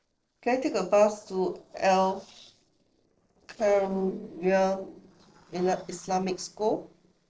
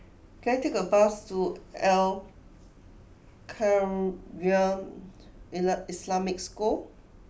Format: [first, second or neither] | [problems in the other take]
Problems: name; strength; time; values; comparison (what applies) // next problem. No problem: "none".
second | noise reduction (neural separator model SepFormer DNS4)